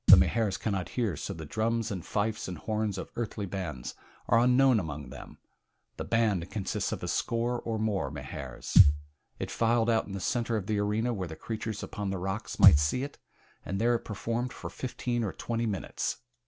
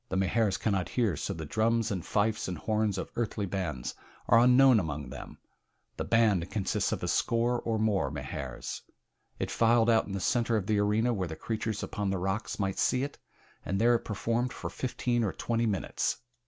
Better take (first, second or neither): second